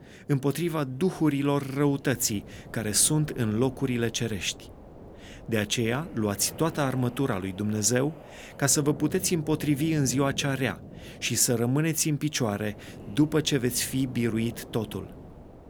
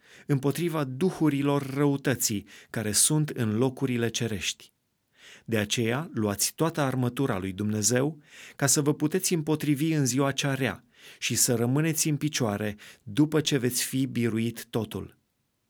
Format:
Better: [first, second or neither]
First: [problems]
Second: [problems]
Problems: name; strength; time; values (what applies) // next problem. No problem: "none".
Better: second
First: wind noise on the microphone; occasional gusts; 20 dB below the speech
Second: none